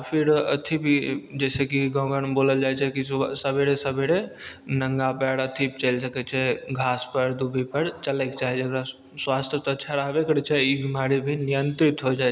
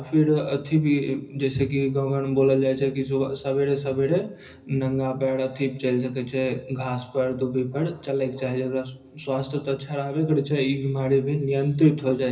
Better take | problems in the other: first | room echo; dies away in 0.4 s

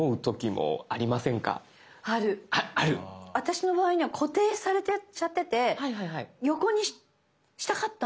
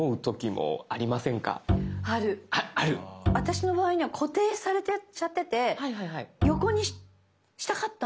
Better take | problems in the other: first | background sound (Bowed string instrument); 3 dB below the speech

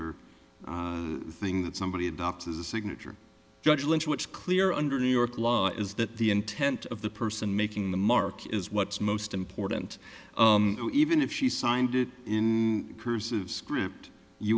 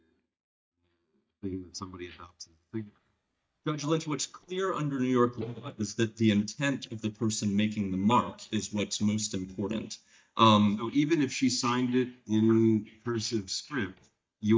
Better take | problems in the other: first | noise reduction (neural mask model DeepFilterNet 3)

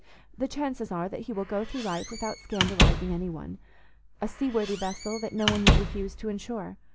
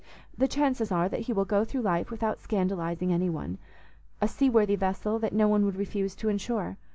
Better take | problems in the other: second | background sound (Squeak / Slam); 4 dB above the speech

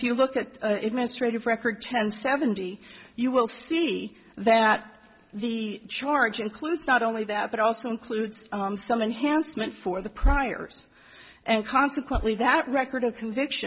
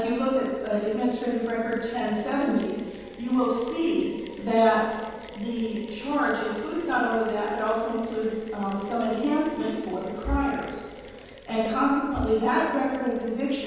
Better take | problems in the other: first | background sound (Mechanisms); 18 dB below the speech // room echo; dies away in 1.2 s

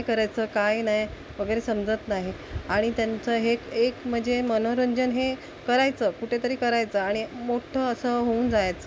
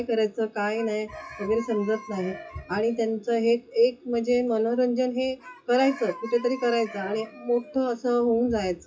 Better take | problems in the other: first | noise reduction (classical method WPE with log-MMSE)

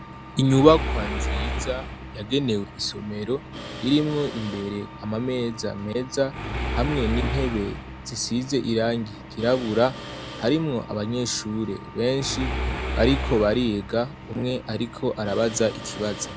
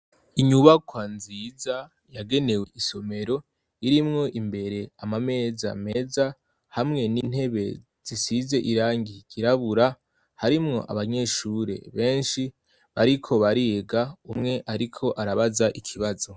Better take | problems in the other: second | background sound (Mechanisms); 7 dB below the speech

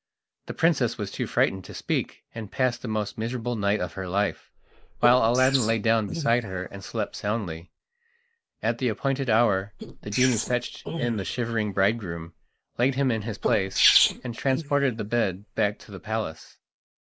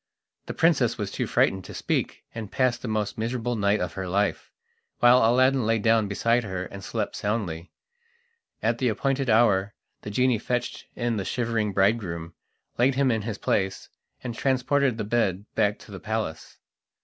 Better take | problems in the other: second | noise reduction (neural mask model Resemble Enhance denoiser)

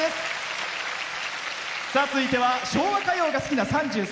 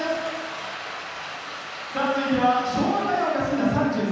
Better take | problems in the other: first | room echo; dies away in 1.2 s

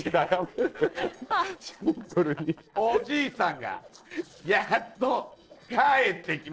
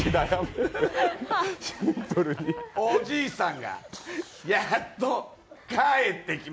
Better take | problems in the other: second | noise reduction (neural separator model SepFormer DNS4)

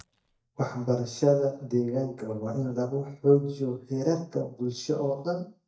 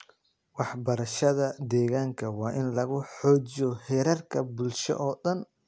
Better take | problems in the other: second | noise reduction (neural mask model DeepFilterNet 3)

